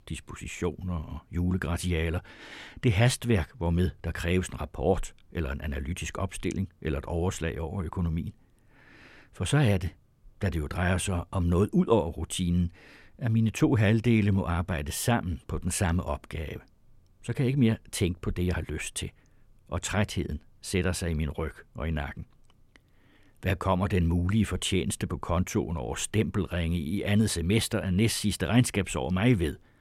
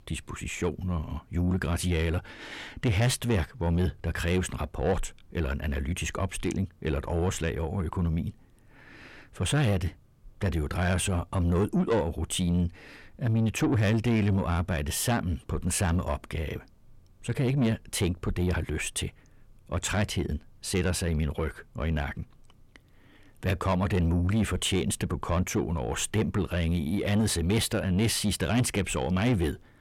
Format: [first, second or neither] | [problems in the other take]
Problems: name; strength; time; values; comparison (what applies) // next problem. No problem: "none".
first | distortion; slight; 10 dB below the speech